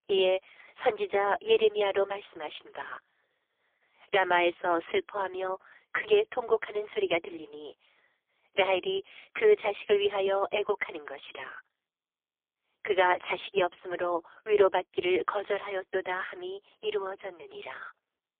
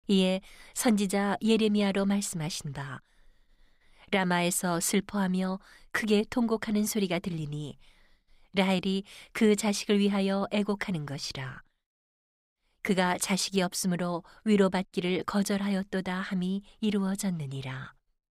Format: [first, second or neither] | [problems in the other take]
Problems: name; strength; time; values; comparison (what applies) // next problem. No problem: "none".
second | phone-call audio; poor line; nothing above 3.5 kHz